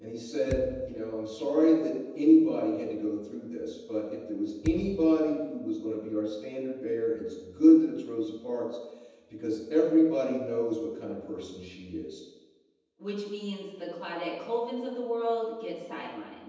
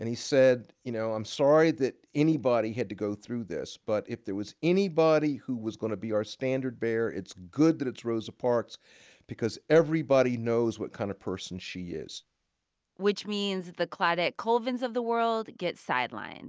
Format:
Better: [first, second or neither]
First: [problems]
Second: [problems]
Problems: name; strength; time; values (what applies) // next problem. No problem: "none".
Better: second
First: background sound (Thump, thud); 12 dB below the speech // room echo; dies away in 1.1 s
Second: none